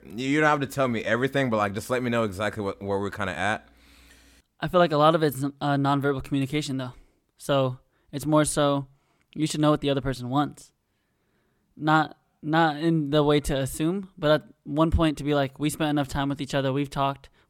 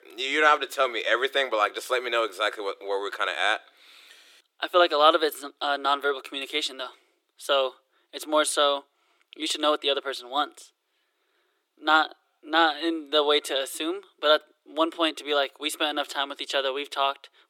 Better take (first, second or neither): first